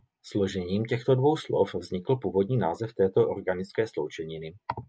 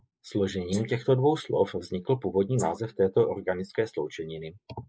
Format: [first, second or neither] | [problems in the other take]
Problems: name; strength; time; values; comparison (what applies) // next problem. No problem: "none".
first | noise reduction (neural mask model Resemble Enhance denoiser)